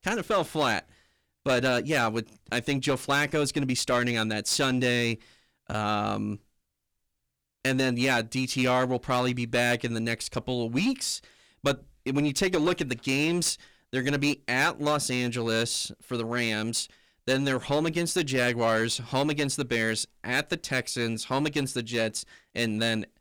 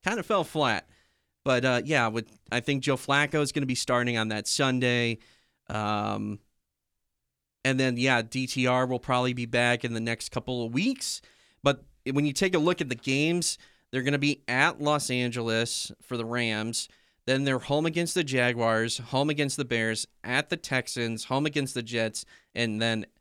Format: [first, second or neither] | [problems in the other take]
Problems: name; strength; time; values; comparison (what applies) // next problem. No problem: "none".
second | distortion; slight; 6% of the sound clipped